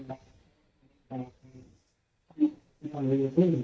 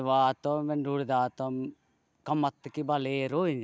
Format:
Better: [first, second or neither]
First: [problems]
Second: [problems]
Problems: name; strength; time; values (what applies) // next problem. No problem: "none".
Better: second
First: noise reduction (neural mask model DeepFilterNet 3)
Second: none